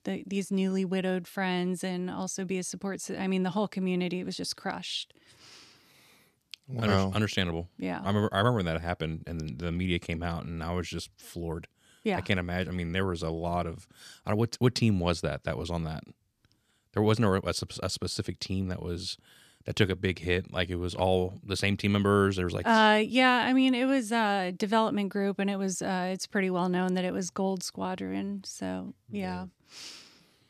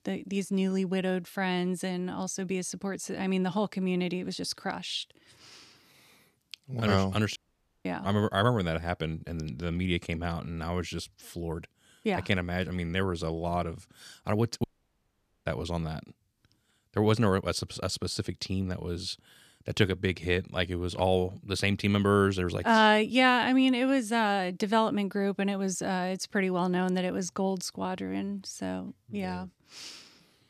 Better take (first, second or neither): first